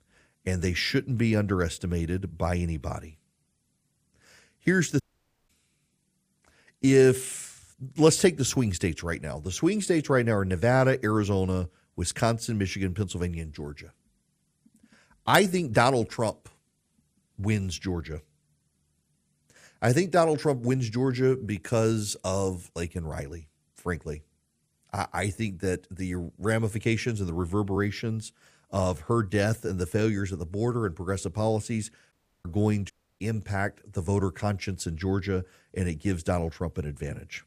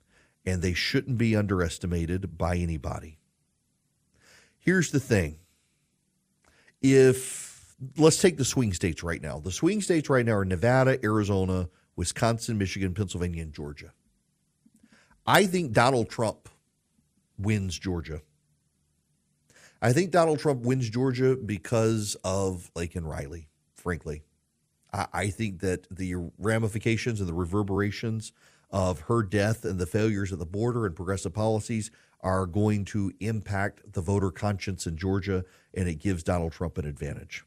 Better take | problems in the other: second | audio cutting out; at 5 s, at 32 s and at 33 s

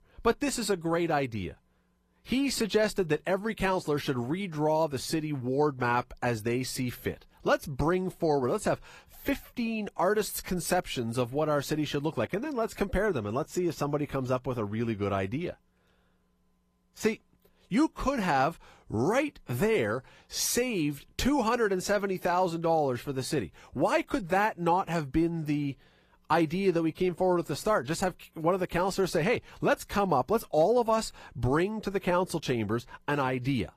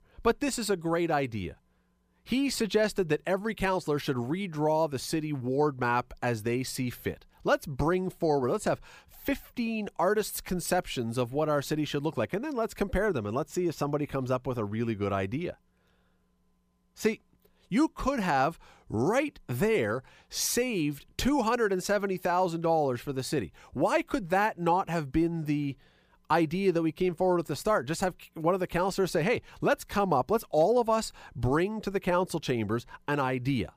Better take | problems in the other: second | garbled, watery; slightly; nothing above 14.5 kHz

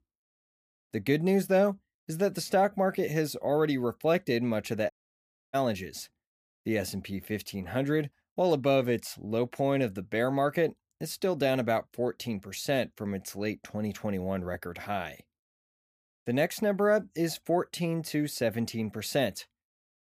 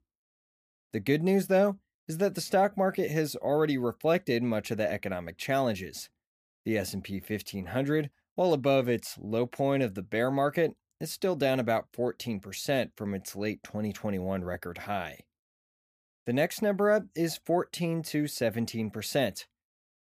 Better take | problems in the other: second | audio cutting out; at 5 s for 0.5 s

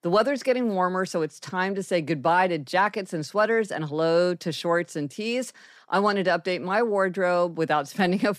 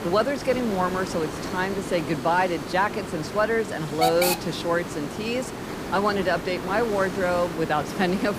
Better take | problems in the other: first | hiss; loud; throughout; 6 dB below the speech

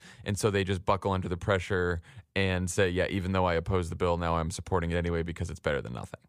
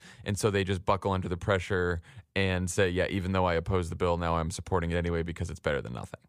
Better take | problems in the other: neither | none

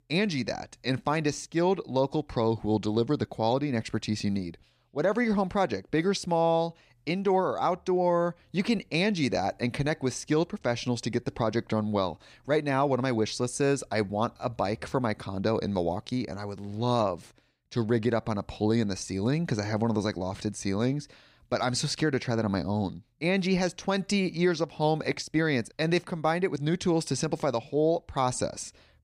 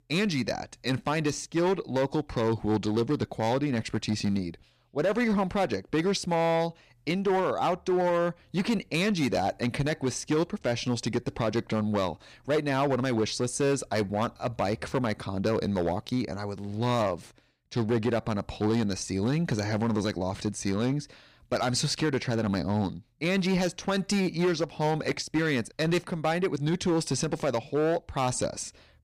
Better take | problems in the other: first | distortion; slight; 8% of the sound clipped

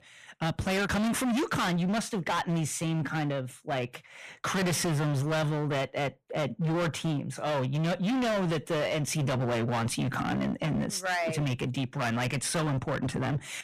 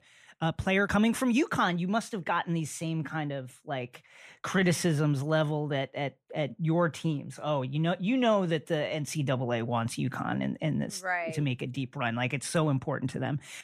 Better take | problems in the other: second | distortion; heavy; 28% of the sound clipped

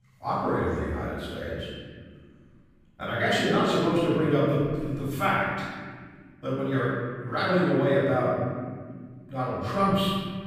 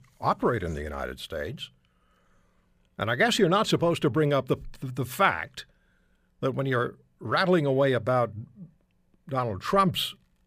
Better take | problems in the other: second | off-mic speech; far // room echo; strong; dies away in 2.1 s

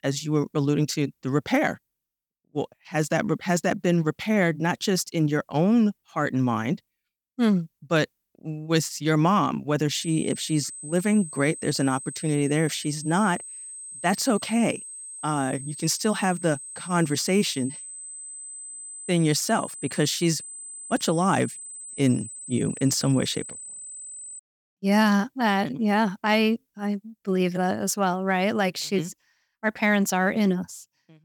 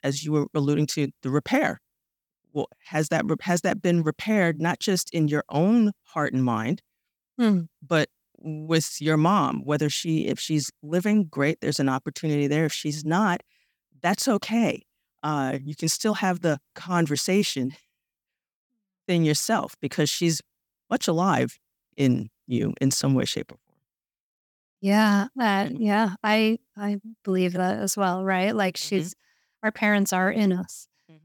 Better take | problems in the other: second | high-pitched whine; noticeable; from 10 to 24 s; 8 kHz, 10 dB below the speech

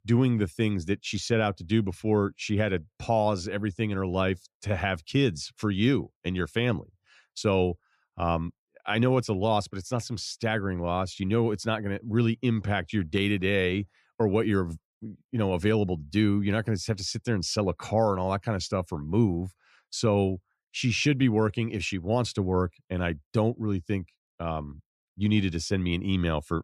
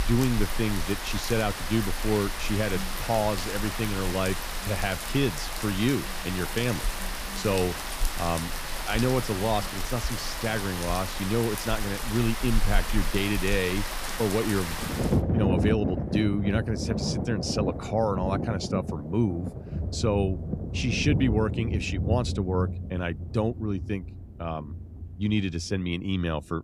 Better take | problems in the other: first | rain or running water; loud; throughout; 3 dB below the speech

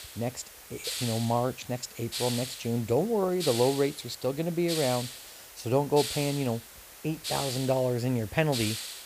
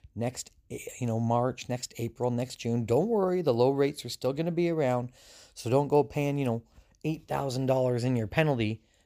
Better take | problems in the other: second | hiss; loud; throughout; 7 dB below the speech

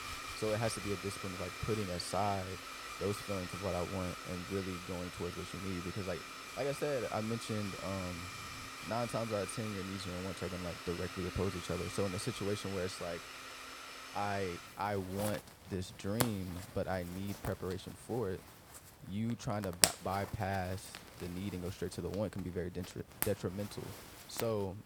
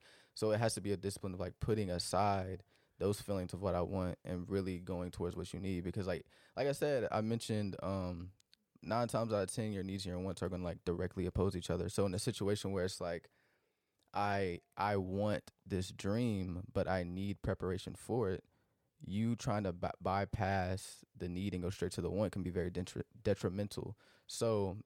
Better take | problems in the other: second | household noises; loud; throughout; 3 dB below the speech

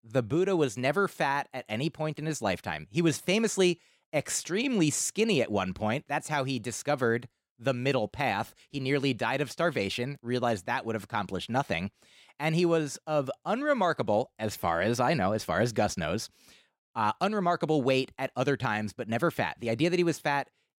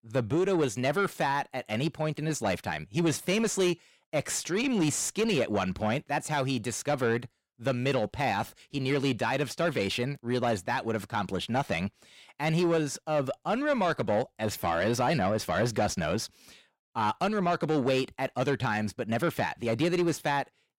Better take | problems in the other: first | distortion; slight; 10 dB below the speech

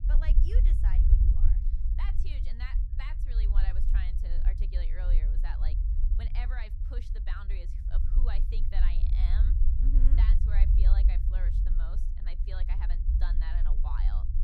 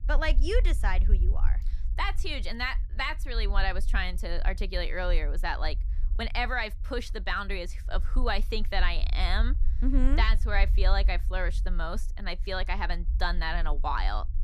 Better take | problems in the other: second | low rumble; loud; throughout; 3 dB below the speech; faint in the second

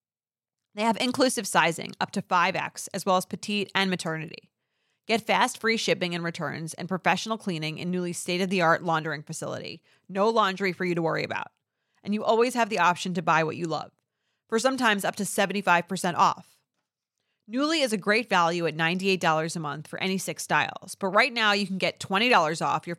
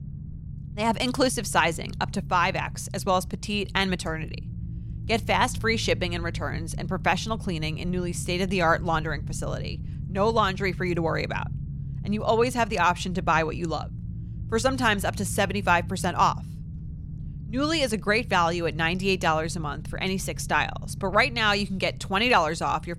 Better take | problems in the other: first | low rumble; faint; throughout; 25 dB below the speech

